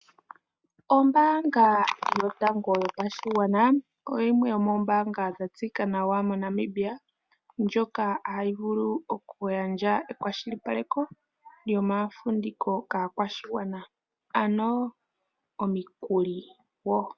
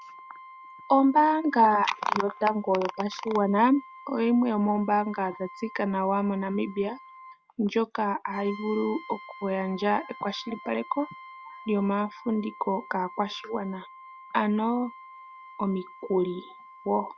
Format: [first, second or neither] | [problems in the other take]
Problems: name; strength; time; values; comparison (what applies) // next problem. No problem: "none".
first | background sound (Brass instrument); 19 dB below the speech